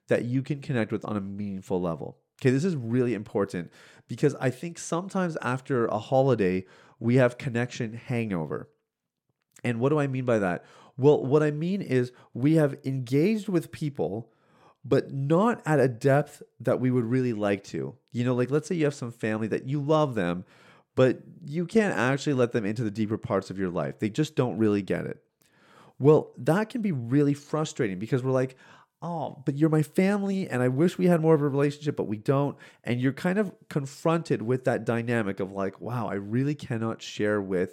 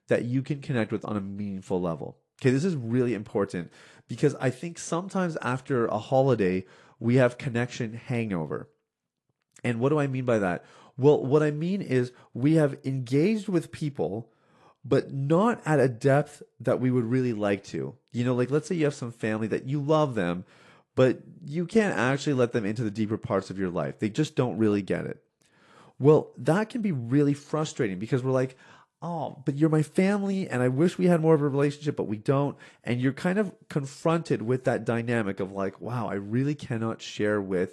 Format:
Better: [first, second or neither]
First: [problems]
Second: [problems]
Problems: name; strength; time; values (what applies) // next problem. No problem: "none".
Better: first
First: none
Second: garbled, watery; slightly; nothing above 11.5 kHz